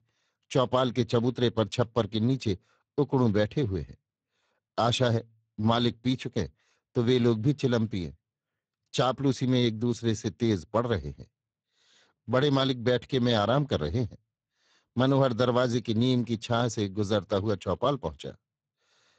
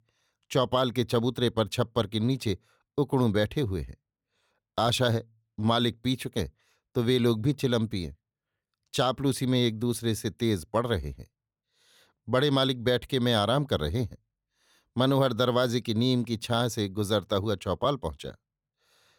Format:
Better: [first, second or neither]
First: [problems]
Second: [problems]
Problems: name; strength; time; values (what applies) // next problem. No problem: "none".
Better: second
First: garbled, watery; badly; nothing above 7.5 kHz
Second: none